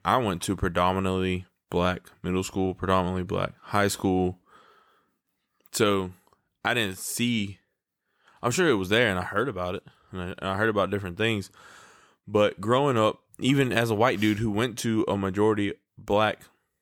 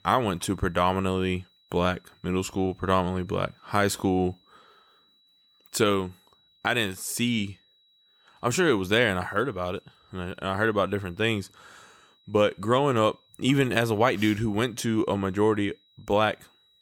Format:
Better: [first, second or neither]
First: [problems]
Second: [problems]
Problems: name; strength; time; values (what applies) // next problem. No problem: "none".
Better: first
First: none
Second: high-pitched whine; faint; throughout; 4 kHz, 35 dB below the speech